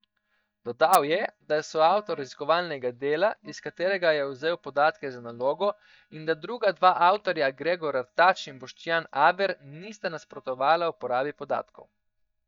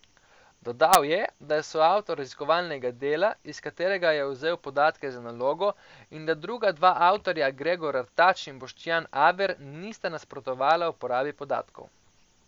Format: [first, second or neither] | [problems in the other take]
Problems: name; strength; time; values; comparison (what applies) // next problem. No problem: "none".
second | noise reduction (neural mask model DeepFilterNet 3)